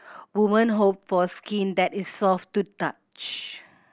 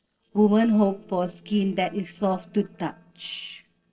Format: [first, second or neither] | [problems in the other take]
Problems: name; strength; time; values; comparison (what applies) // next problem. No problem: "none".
first | noise reduction (neural separator model SepFormer DNS4)